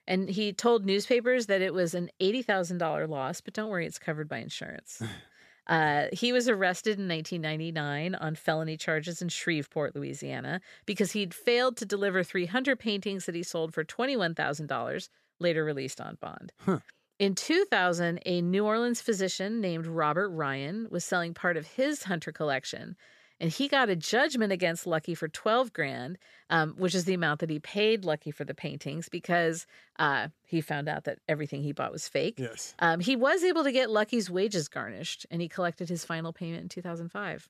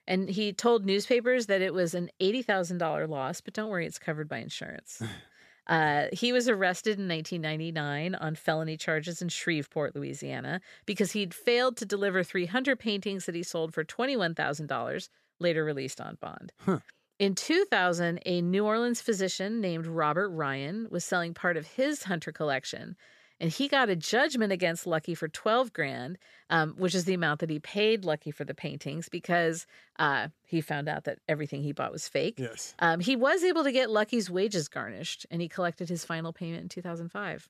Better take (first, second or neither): neither